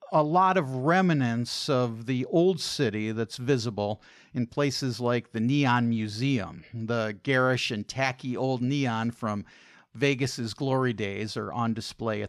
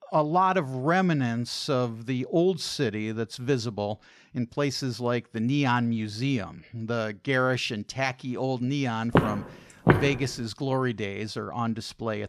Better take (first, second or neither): first